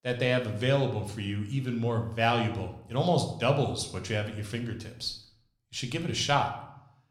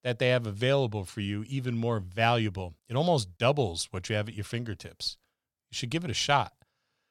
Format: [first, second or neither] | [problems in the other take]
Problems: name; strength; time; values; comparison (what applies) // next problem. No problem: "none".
second | room echo; slight; dies away in 0.6 s